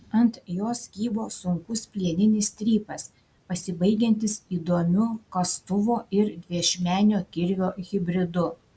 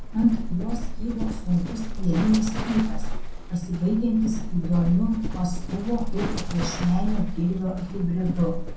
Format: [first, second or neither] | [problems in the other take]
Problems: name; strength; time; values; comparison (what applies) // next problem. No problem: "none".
first | background sound (Livestock, farm animals, working animals); 2 dB below the speech // room echo; dies away in 0.6 s